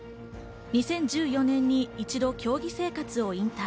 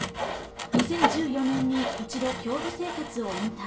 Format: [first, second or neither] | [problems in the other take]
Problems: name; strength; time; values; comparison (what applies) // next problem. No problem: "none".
first | background sound (Sawing); 2 dB below the speech // room echo; dies away in 0.3 s